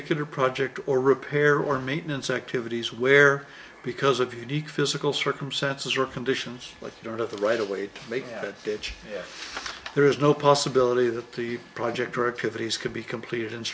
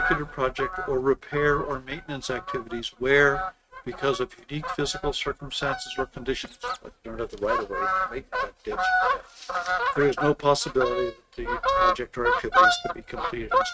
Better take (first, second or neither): first